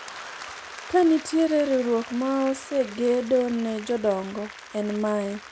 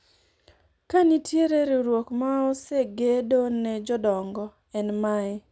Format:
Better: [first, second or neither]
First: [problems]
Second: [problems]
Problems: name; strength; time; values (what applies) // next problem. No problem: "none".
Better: second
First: background sound (Applause / Crowd); 16 dB below the speech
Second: none